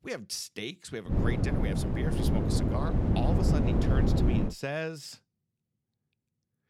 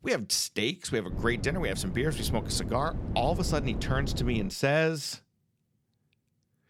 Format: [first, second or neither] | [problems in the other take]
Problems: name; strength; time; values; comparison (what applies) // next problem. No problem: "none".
second | wind noise on the microphone; heavy; from 1 to 4.5 s; 2 dB above the speech; occasional gusts in the second